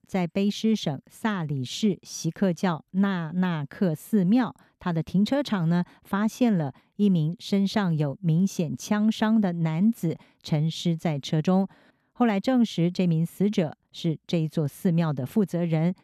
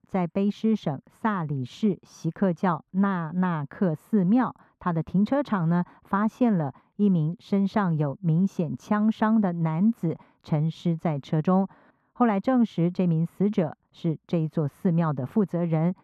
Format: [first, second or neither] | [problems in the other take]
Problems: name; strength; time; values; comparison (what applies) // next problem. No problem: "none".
first | muffled; very; fading above 2.5 kHz